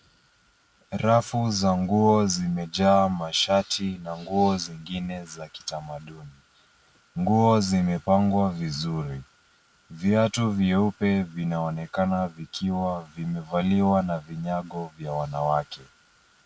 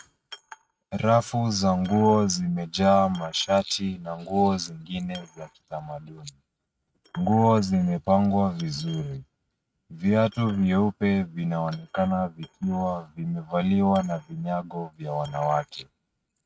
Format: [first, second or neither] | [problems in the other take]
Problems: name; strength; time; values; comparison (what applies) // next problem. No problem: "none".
first | noise reduction (neural mask model RNNoise)